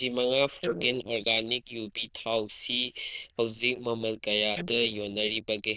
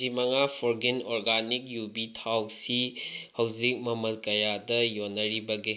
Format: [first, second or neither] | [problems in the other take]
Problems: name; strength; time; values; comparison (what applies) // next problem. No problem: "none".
second | noise reduction (neural diffusion model UNIVERSE++)